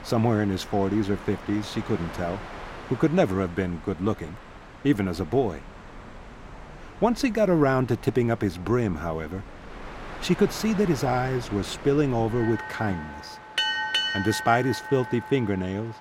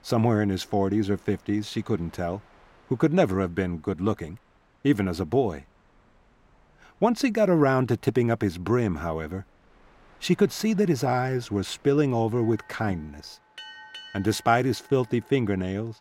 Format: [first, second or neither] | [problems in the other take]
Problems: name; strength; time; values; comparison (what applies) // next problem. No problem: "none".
second | train or aircraft noise; loud; throughout; 10 dB below the speech; faint in the second